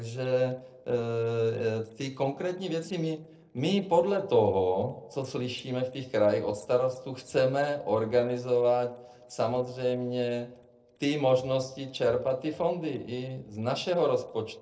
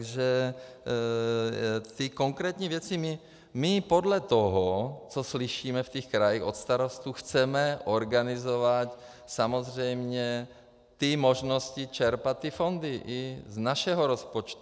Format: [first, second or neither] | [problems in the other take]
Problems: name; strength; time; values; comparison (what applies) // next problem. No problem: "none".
second | noise reduction (neural separator model SepFormer DNS4)